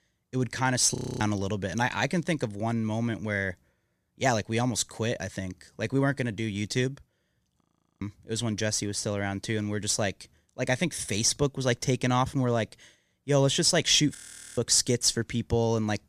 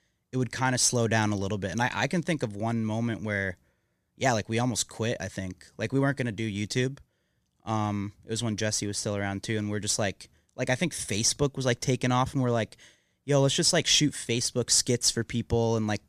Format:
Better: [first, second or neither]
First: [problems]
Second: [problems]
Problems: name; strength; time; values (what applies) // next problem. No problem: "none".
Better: second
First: audio freezing; at 1 s, at 7.5 s and at 14 s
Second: none